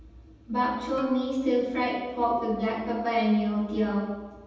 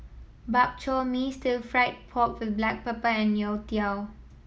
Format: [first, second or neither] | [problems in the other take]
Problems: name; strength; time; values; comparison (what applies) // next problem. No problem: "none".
second | background sound (Plucked string instrument); 17 dB below the speech // room echo; dies away in 1.1 s